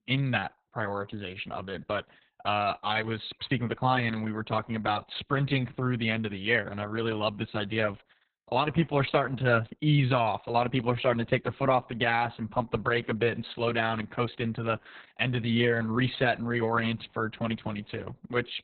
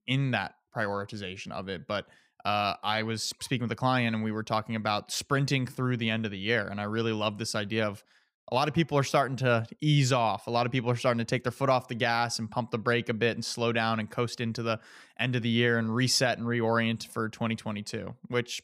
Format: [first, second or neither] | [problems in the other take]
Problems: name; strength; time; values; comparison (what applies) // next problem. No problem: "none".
second | garbled, watery; badly; nothing above 4 kHz